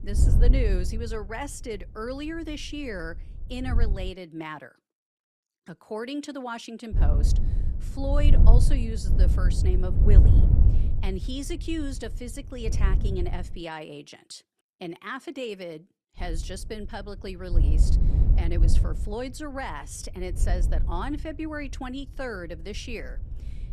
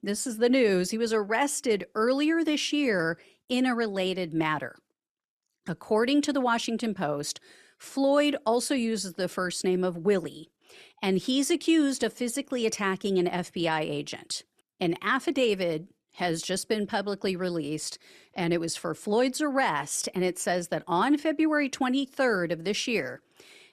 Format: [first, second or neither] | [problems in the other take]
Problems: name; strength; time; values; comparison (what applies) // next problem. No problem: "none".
second | wind noise on the microphone; heavy; until 4 s, from 7 to 14 s and from 16 s on; 6 dB below the speech